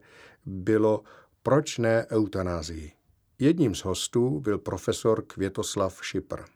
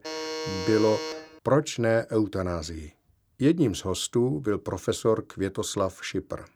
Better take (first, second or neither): first